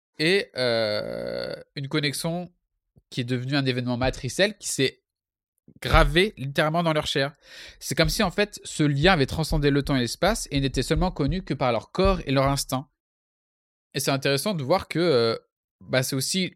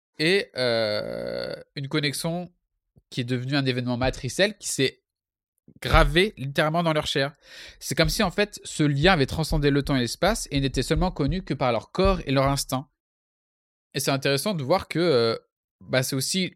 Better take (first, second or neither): neither